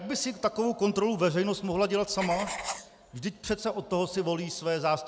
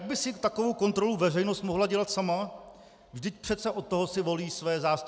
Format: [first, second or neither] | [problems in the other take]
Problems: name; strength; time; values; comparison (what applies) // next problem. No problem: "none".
second | background sound (Writing); 14 dB below the speech